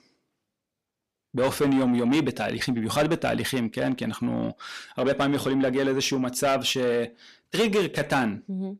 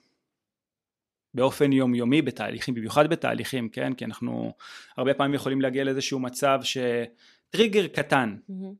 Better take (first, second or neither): second